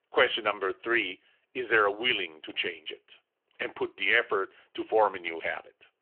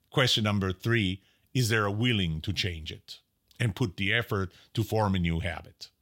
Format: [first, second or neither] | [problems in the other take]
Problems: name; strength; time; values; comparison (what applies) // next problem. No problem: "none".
second | phone-call audio